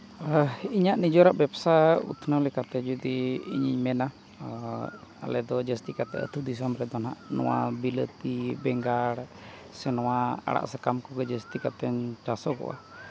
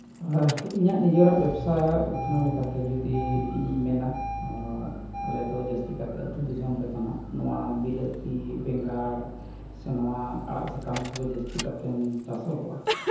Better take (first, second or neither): first